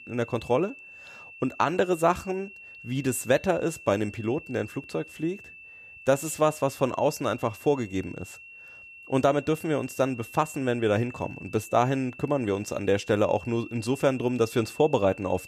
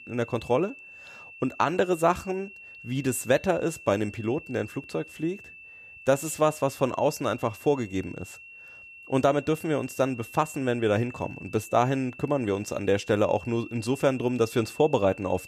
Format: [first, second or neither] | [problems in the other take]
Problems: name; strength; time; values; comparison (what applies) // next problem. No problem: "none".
neither | high-pitched whine; noticeable; throughout; 2.5 kHz, 15 dB below the speech; the same in both